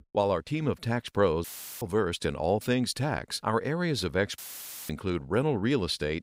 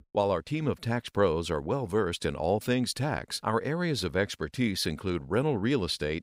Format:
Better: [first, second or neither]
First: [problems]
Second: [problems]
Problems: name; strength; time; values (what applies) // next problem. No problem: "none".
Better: second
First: audio cutting out; filled with static; at 1.5 s and at 4.5 s for 0.5 s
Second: none